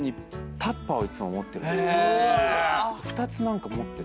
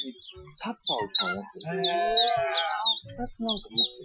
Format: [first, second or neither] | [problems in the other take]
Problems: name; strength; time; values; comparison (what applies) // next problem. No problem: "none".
first | noise reduction (classical method Wiener filter)